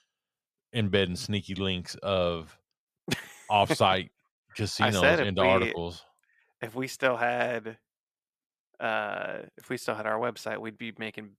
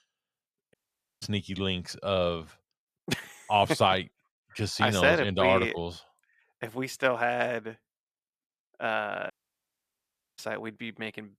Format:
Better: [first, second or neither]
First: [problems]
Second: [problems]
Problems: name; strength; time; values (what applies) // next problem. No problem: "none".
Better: first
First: none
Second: audio cutting out; at 0.5 s and at 9.5 s for 1 s